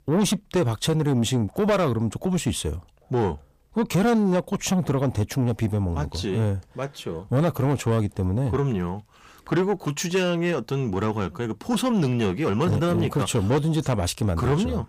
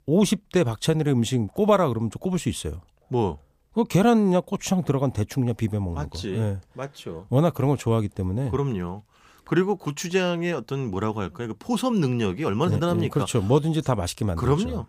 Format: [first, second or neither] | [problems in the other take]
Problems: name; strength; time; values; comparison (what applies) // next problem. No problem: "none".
second | distortion; slight; 10 dB below the speech